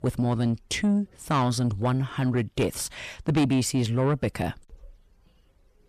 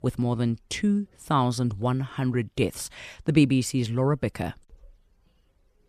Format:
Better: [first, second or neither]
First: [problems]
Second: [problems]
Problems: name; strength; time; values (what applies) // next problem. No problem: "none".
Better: second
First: distortion; slight; 10 dB below the speech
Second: none